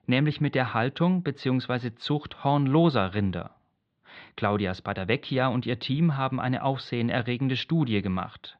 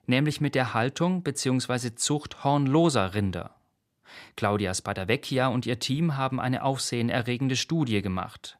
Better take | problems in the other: second | muffled; slightly; fading above 4 kHz

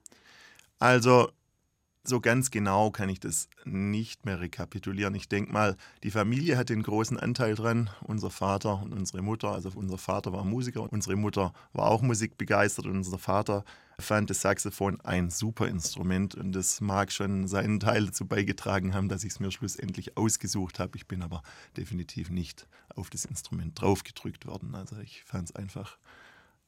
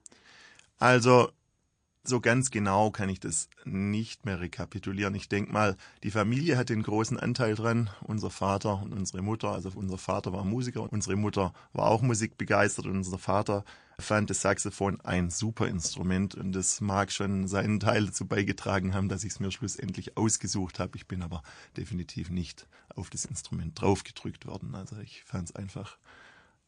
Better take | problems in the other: first | garbled, watery; slightly; nothing above 9 kHz

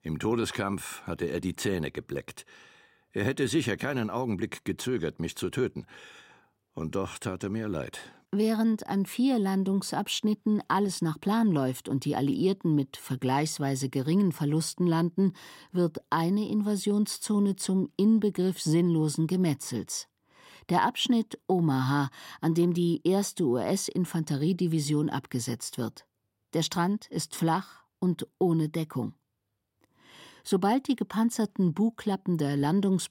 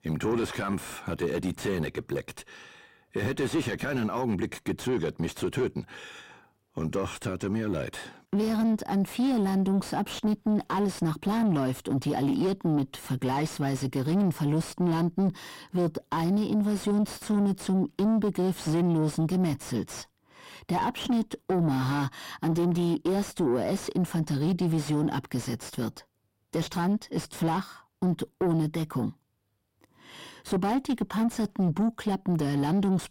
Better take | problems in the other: first | distortion; slight; 9 dB below the speech

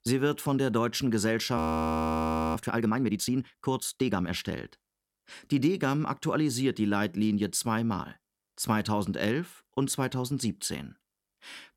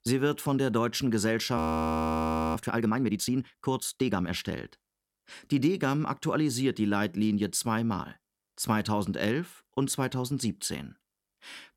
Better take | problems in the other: neither | audio freezing; at 1.5 s for 1 s; the same in both

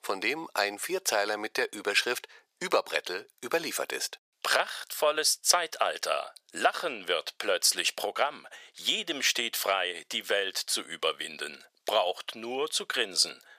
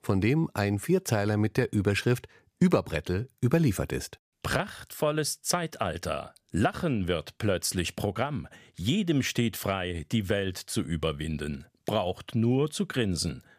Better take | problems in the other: second | thin; very; fading below 550 Hz

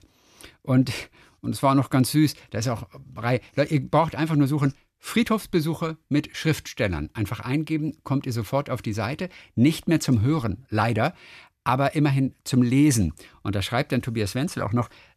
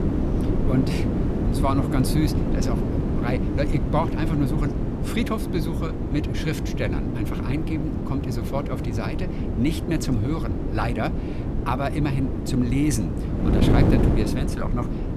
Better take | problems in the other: first | wind noise on the microphone; heavy; 2 dB below the speech

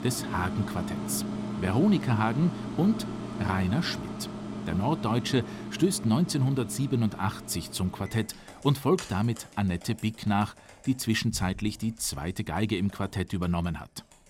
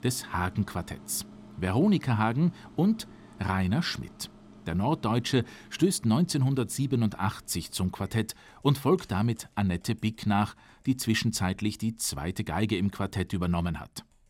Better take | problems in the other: second | household noises; loud; throughout; 8 dB below the speech; faint in the second

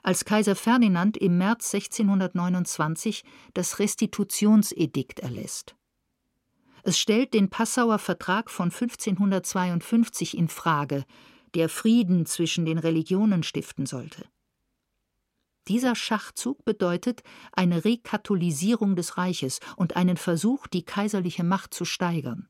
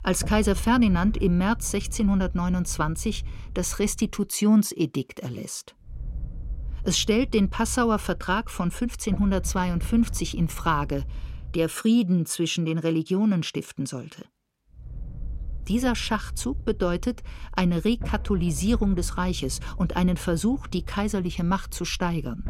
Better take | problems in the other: first | low rumble; faint; until 4 s, from 6 to 12 s and from 15 s on; 25 dB below the speech

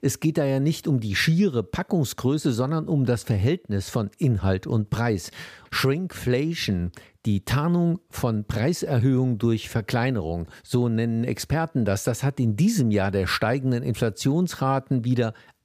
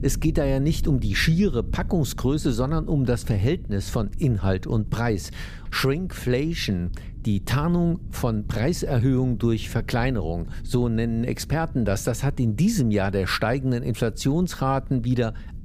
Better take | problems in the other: first | low rumble; faint; throughout; 20 dB below the speech

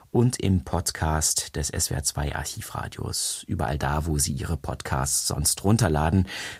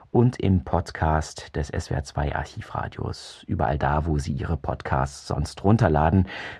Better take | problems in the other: first | muffled; very; fading above 2.5 kHz

